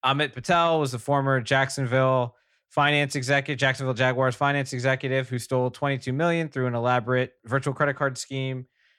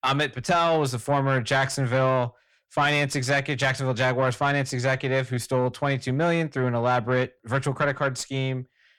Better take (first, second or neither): first